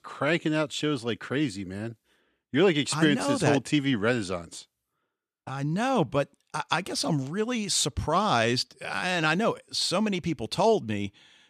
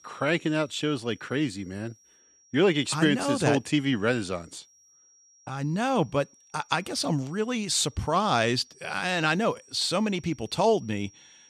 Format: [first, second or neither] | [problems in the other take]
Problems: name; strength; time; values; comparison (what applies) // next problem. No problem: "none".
first | high-pitched whine; faint; throughout; 5.5 kHz, 30 dB below the speech